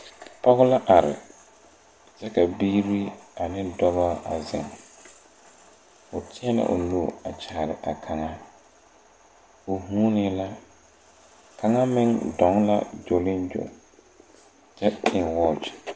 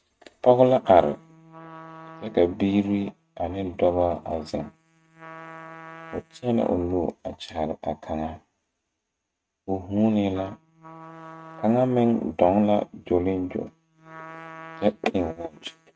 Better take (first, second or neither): first